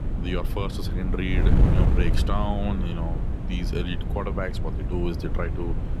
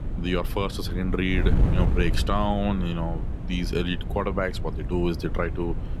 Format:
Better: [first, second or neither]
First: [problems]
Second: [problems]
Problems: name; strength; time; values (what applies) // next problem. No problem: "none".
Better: second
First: wind noise on the microphone; heavy; 4 dB below the speech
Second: wind noise on the microphone; occasional gusts; 10 dB below the speech